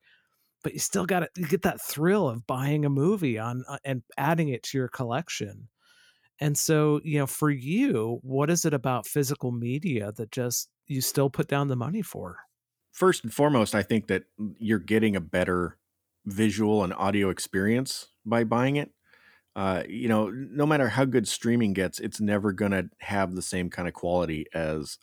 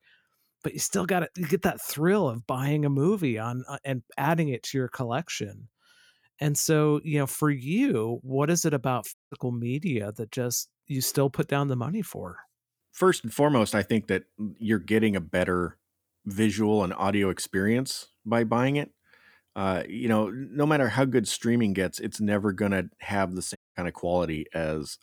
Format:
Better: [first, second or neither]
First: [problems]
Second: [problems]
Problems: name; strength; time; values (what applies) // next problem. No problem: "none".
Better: first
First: none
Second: audio cutting out; at 9 s and at 24 s